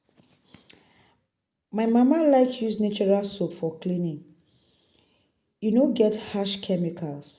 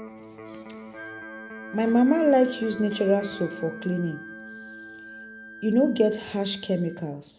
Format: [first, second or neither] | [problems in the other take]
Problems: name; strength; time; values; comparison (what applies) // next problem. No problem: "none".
first | background sound (Wind instrument, woodwind instrument + Electric guitar); 14 dB below the speech